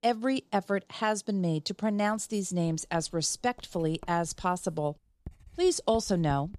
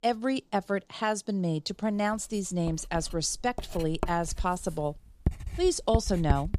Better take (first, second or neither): first